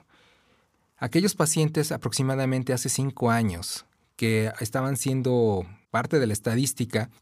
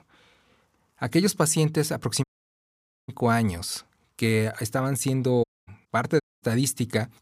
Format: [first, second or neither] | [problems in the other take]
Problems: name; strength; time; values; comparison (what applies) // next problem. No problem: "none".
first | audio cutting out; at 2 s for 1 s, at 5.5 s and at 6 s